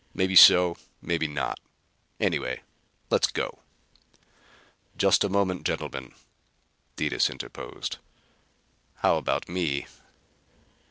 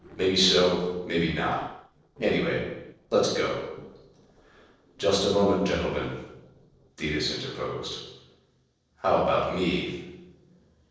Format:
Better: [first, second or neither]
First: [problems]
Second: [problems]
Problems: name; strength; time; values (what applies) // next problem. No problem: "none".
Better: first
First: none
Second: noise reduction (neural separator model SepFormer DNS4)